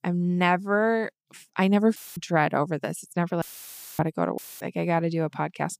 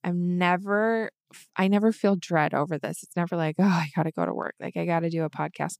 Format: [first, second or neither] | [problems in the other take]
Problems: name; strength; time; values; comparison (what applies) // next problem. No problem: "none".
second | audio cutting out; filled with static; at 2 s, at 3.5 s for 0.5 s and at 4.5 s